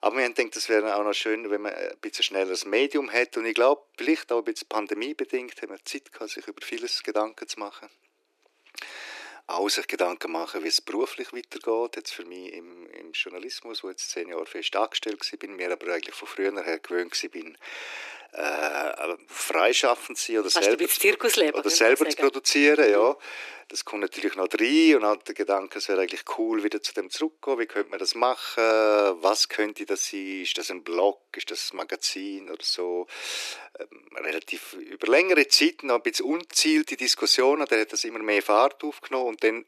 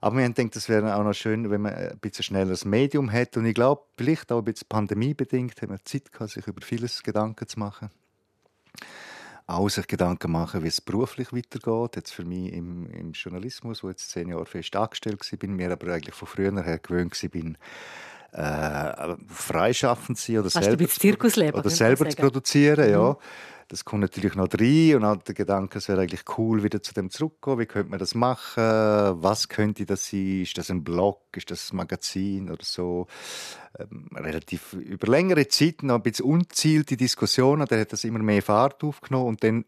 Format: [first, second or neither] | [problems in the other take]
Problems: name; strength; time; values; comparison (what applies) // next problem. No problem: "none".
second | thin; somewhat; fading below 300 Hz